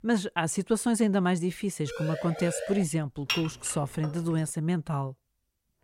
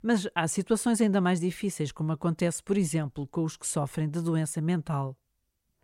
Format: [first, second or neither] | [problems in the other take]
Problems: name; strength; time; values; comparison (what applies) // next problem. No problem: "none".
second | siren; noticeable; at 2 s; peak 7 dB below the speech // clattering dishes; noticeable; at 3.5 s; peak 2 dB below the speech